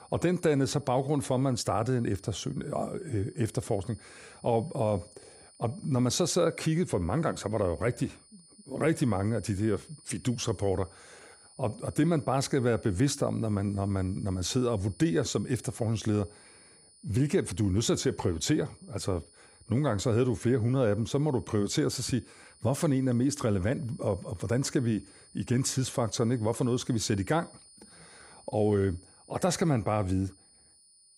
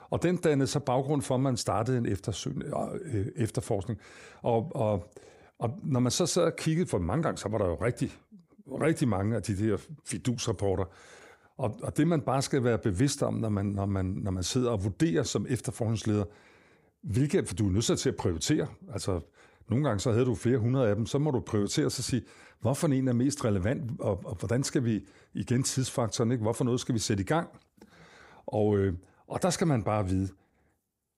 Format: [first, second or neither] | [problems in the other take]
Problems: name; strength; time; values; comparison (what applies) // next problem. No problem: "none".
second | high-pitched whine; faint; throughout; 9.5 kHz, 25 dB below the speech